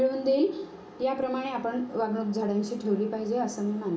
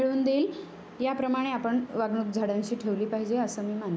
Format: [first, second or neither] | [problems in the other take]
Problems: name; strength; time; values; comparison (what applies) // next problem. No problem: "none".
second | room echo; dies away in 0.3 s